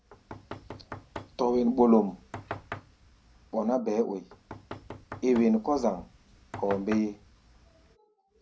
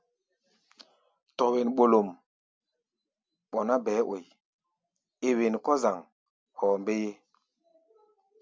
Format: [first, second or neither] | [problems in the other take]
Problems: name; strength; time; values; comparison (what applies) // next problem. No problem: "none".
second | background sound (Knock); 15 dB below the speech // room echo; dies away in 0.5 s